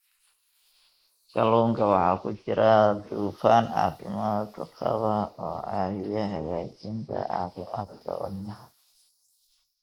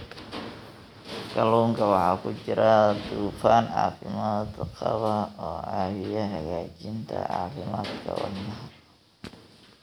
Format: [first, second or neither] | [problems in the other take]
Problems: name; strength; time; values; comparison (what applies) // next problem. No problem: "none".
second | noise reduction (neural mask model Resemble Enhance denoiser)